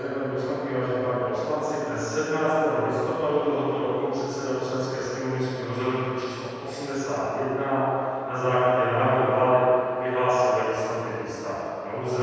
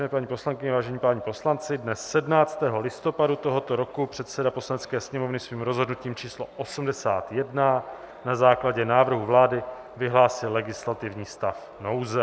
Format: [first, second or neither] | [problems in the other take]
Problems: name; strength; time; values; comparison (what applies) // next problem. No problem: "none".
second | room echo; dies away in 2.1 s